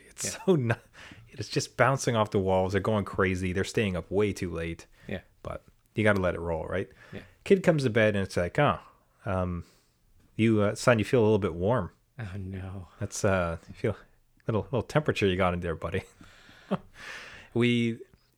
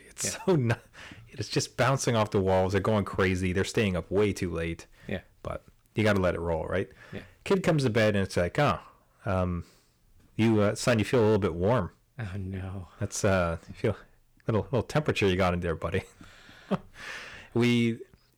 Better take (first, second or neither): first